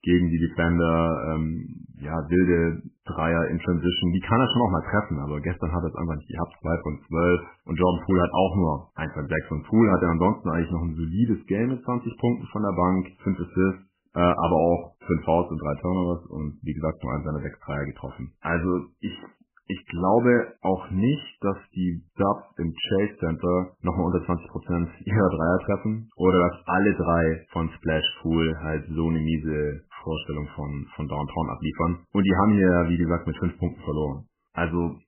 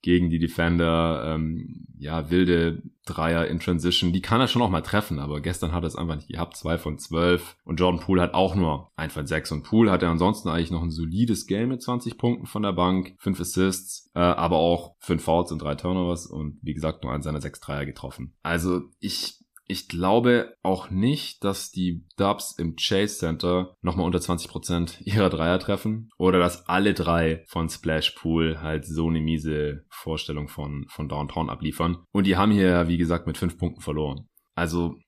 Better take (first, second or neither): second